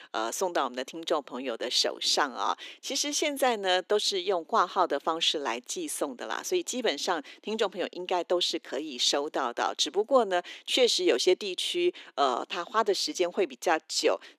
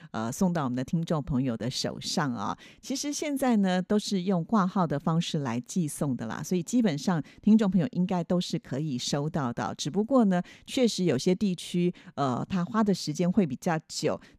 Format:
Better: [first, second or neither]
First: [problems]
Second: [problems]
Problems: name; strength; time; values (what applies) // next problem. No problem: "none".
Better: second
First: thin; very; fading below 350 Hz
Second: none